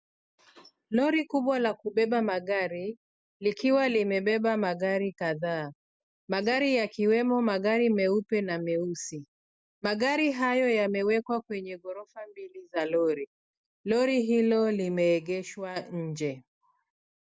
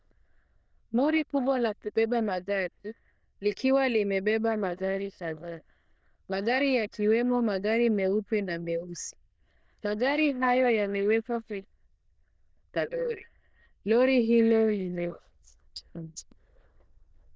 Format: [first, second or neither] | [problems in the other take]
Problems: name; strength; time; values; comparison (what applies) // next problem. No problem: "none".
first | noise reduction (neural diffusion model UNIVERSE++)